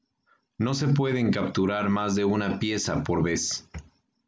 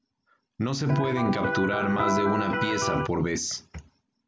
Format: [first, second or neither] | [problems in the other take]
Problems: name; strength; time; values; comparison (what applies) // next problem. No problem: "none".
first | background sound (Electric guitar); as loud as the speech